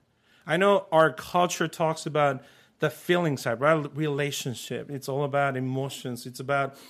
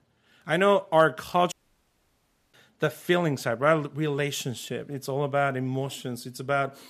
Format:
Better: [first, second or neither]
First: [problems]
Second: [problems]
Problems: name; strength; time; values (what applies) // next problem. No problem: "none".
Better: first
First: none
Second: audio cutting out; at 1.5 s for 1 s